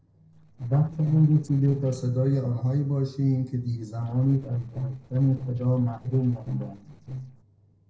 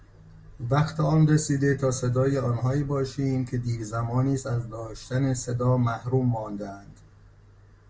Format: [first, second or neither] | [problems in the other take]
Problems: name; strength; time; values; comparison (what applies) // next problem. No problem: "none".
second | noise reduction (neural separator model SepFormer DNS4)